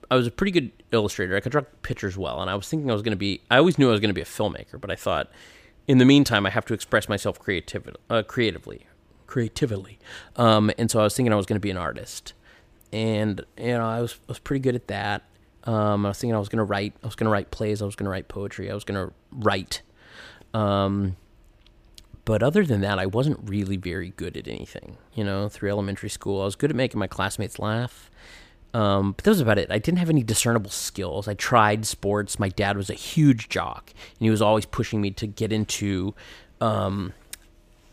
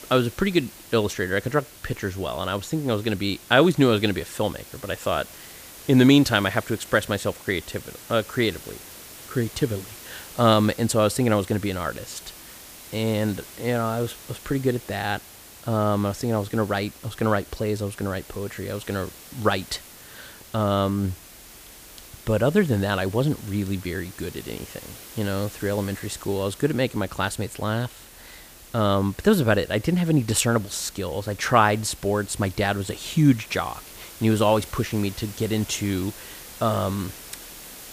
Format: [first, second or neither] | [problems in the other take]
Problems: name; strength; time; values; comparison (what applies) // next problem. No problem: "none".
first | hiss; noticeable; throughout; 15 dB below the speech